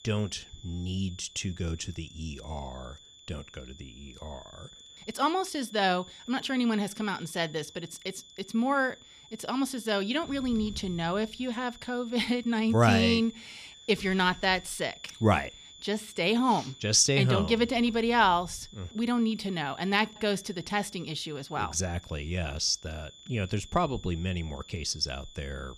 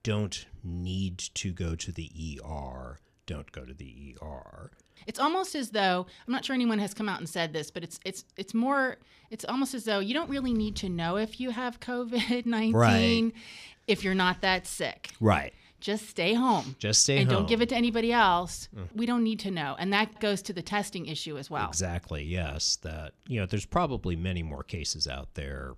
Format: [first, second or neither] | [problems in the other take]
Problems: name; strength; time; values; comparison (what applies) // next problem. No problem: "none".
second | high-pitched whine; faint; throughout; 3.5 kHz, 20 dB below the speech